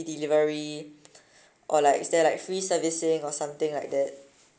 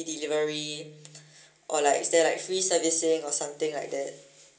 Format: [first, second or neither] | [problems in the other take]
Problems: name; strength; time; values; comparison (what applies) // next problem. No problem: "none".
first | room echo; dies away in 0.2 s